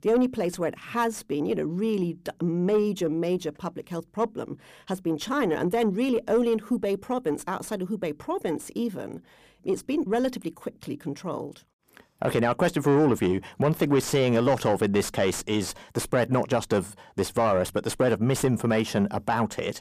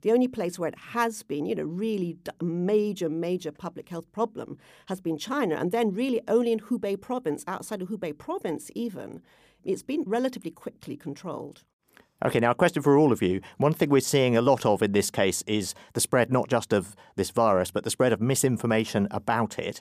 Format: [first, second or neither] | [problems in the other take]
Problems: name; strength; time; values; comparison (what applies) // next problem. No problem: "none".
second | distortion; slight; 10 dB below the speech